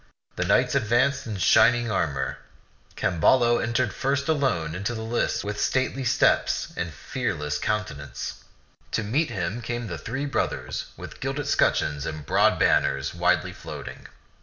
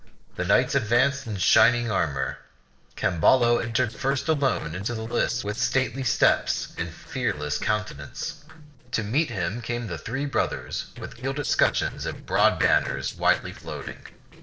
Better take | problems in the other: first | noise reduction (neural separator model SepFormer DNS4)

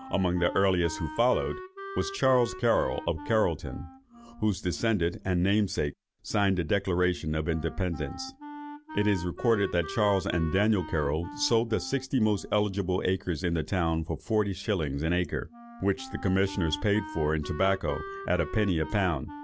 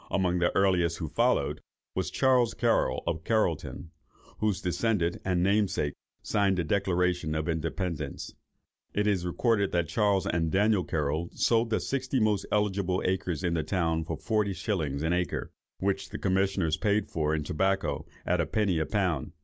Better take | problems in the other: second | background sound (Wind instrument, woodwind instrument); 15 dB below the speech

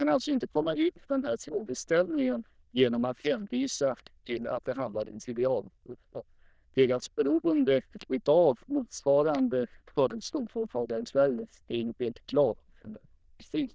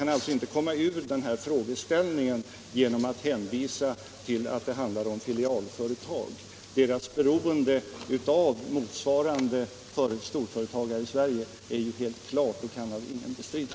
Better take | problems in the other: second | noise reduction (neural diffusion model UNIVERSE++)

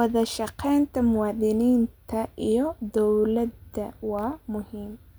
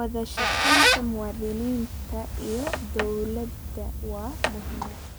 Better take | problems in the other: first | background sound (Squeak); 4 dB above the speech

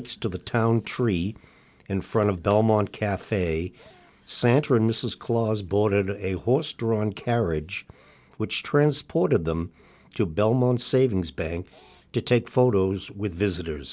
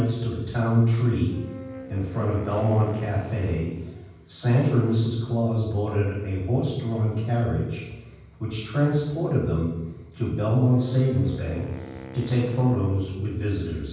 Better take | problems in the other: first | background sound (Wind instrument, woodwind instrument); 17 dB below the speech // room echo; dies away in 1.2 s

